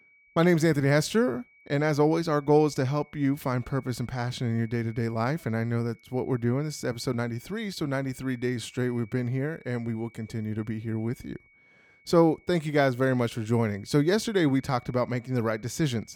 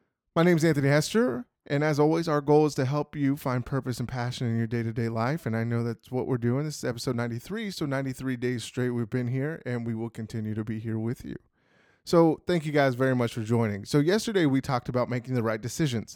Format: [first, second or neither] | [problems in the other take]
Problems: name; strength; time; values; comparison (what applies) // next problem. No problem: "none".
second | high-pitched whine; faint; throughout; 2 kHz, 30 dB below the speech